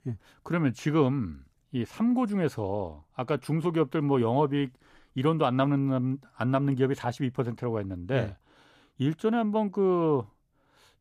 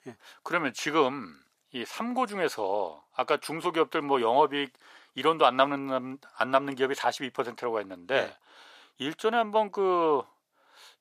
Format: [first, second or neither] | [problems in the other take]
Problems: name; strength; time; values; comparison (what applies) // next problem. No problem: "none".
first | thin; very; fading below 600 Hz